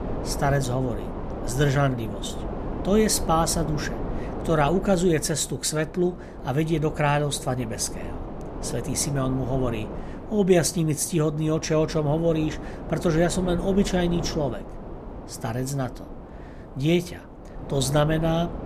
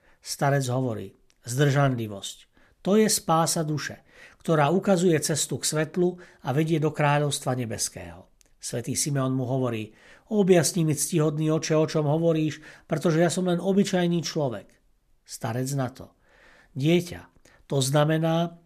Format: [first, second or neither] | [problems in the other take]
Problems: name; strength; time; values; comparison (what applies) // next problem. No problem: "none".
second | wind noise on the microphone; occasional gusts; 10 dB below the speech